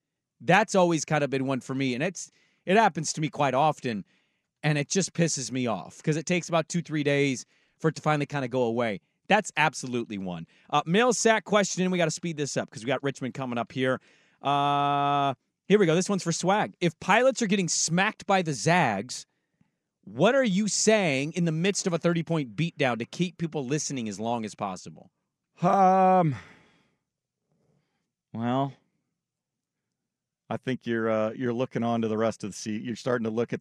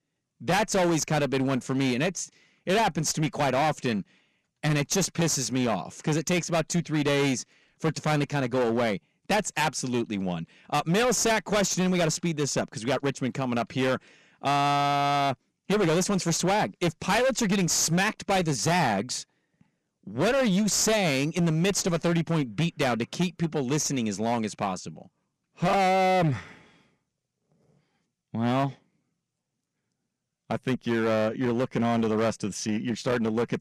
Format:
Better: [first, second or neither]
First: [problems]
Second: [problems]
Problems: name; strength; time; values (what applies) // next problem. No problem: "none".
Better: first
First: none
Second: distortion; heavy; 18% of the sound clipped